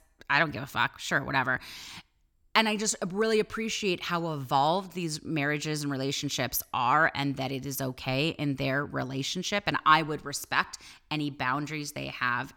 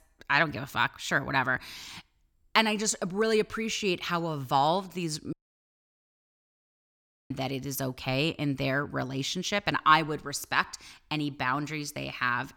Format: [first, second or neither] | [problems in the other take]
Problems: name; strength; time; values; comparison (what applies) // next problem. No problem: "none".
first | audio cutting out; at 5.5 s for 2 s